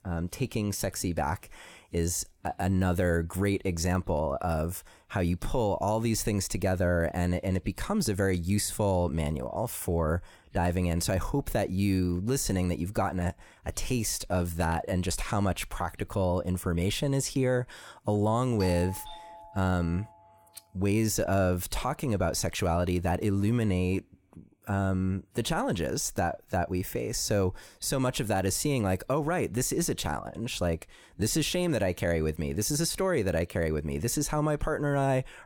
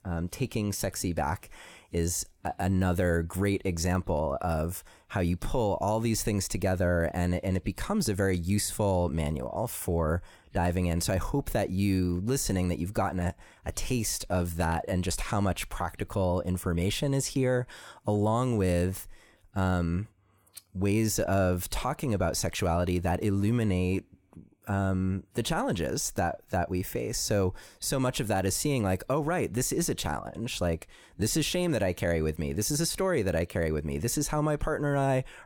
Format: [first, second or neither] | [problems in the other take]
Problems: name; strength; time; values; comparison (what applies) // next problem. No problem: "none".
second | doorbell; faint; from 19 to 20 s; peak 10 dB below the speech